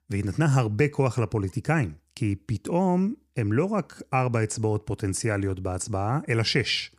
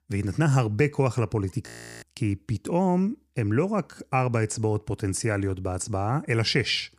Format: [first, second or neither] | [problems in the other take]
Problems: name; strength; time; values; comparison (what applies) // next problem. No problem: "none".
first | audio freezing; at 1.5 s